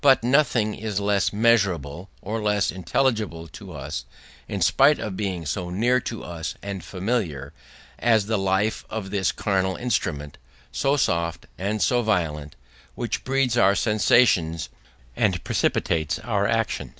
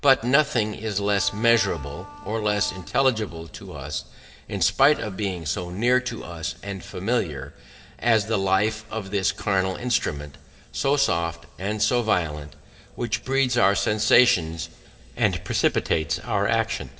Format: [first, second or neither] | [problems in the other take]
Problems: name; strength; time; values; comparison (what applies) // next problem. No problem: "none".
first | background sound (Bowed string instrument); 17 dB below the speech // room echo; dies away in 2.3 s